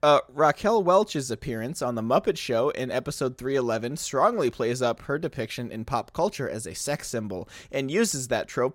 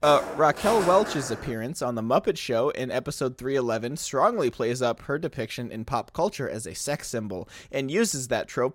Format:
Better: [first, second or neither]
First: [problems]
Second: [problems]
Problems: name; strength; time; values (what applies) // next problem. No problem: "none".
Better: first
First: none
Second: footsteps; noticeable; until 1.5 s; peak 3 dB below the speech